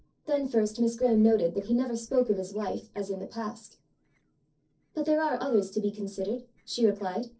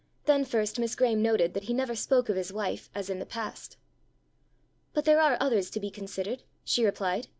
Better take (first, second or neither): second